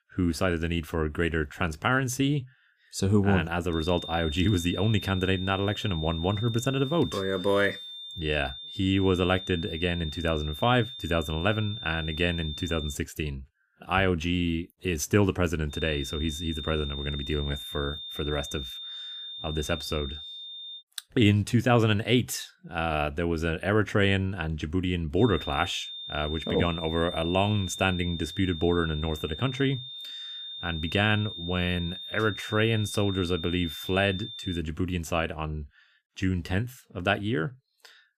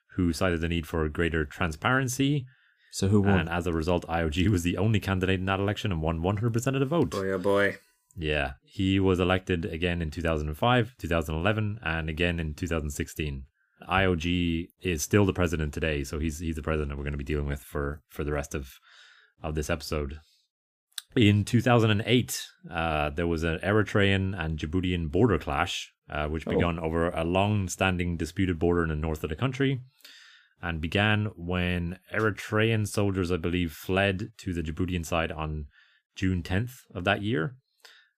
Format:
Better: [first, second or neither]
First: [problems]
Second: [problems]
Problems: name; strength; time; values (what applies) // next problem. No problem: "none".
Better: second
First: high-pitched whine; loud; from 3.5 to 13 s, from 16 to 21 s and from 25 to 35 s; 3.5 kHz, 9 dB below the speech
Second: none